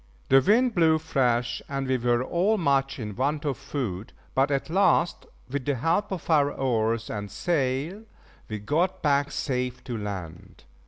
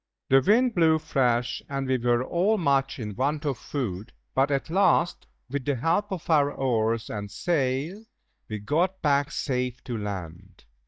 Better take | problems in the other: first | noise reduction (neural mask model DeepFilterNet 3)

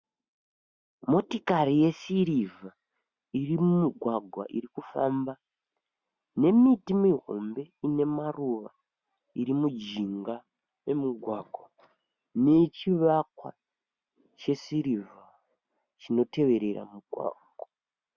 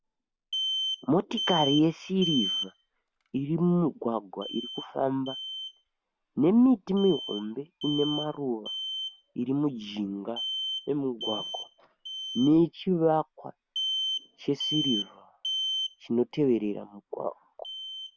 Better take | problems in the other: first | background sound (Alarm); 7 dB below the speech

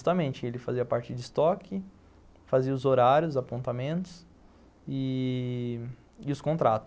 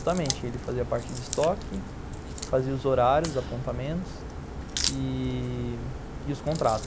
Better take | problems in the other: first | background sound (Crack); 6 dB below the speech

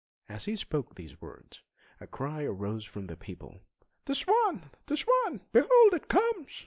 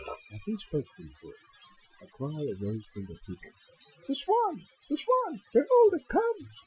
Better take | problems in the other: first | noise reduction (classical method Wiener filter)

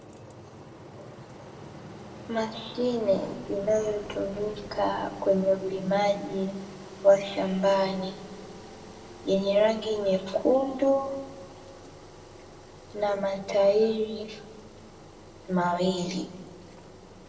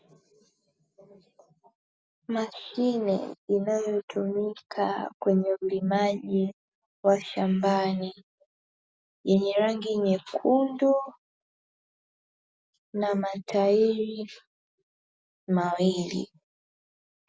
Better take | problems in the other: second | background sound (Engine); 16 dB below the speech // room echo; dies away in 1.3 s

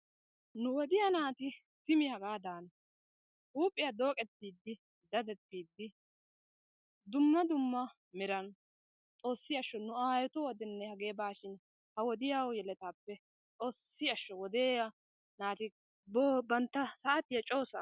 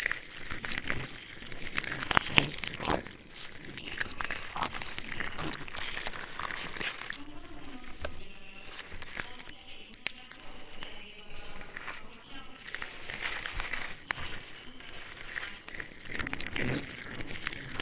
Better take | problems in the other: first | noise reduction (neural separator model SepFormer WHAMR!)

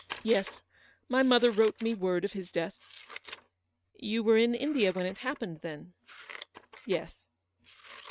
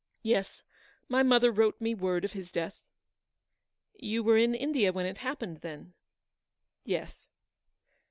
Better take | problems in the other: second | noise reduction (neural mask model RNNoise)

